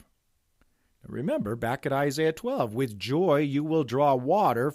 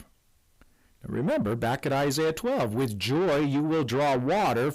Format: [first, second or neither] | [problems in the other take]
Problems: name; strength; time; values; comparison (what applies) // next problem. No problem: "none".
first | distortion; heavy; 8 dB below the speech